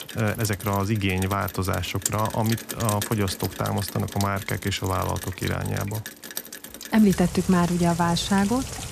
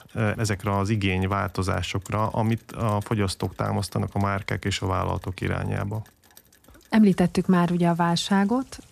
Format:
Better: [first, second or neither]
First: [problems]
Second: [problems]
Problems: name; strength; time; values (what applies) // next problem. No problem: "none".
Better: second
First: rain or running water; loud; throughout; 9 dB below the speech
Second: rain or running water; faint; throughout; 30 dB below the speech